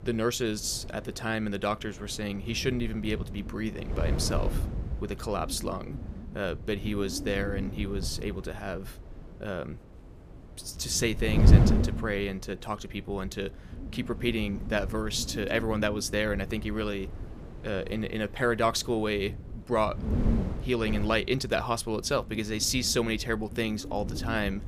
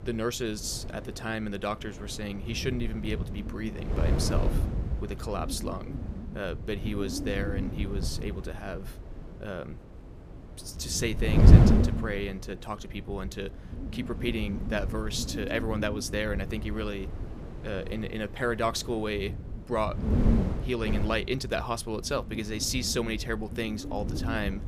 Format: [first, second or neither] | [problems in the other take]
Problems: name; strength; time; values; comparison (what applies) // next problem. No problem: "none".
first | wind noise on the microphone; heavy; 6 dB below the speech; occasional gusts in the first